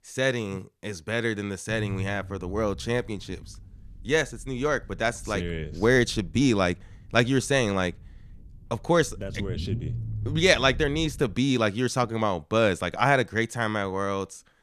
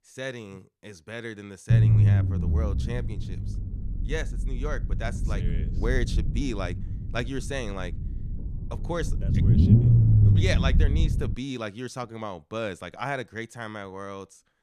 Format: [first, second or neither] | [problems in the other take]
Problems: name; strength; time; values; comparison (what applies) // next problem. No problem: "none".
first | low rumble; loud; from 1.5 to 11 s; 1 dB below the speech; faint in the first